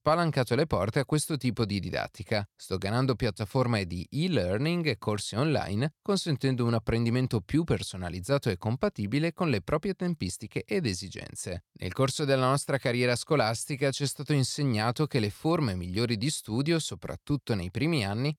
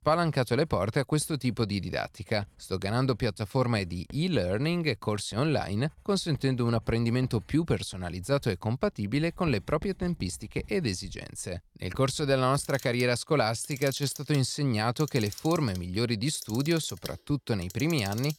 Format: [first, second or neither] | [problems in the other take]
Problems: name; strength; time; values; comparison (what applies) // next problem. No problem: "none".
first | household noises; noticeable; throughout; 20 dB below the speech